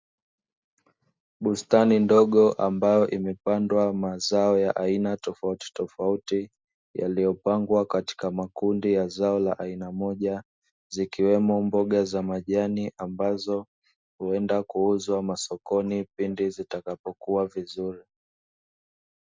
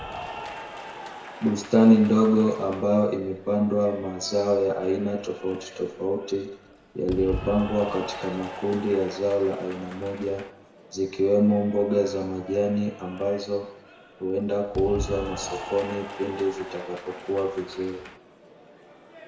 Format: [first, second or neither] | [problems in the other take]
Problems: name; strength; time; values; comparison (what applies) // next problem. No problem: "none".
first | background sound (Applause / Cheering); 14 dB below the speech // room echo; dies away in 0.8 s